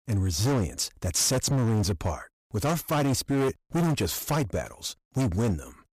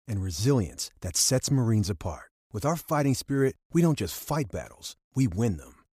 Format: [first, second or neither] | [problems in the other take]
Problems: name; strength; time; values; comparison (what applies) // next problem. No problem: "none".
second | distortion; heavy; 19% of the sound clipped